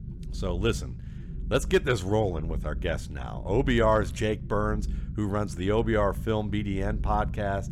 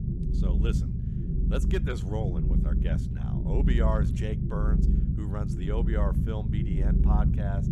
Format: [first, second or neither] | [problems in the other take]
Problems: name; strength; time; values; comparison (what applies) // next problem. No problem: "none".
first | low rumble; loud; throughout; 2 dB below the speech; faint in the first